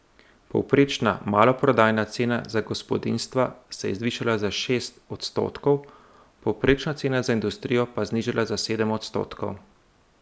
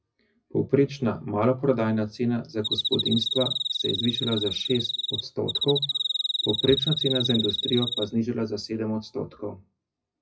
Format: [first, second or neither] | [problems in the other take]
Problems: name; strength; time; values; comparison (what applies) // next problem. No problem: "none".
first | noise reduction (classical method WPE with log-MMSE)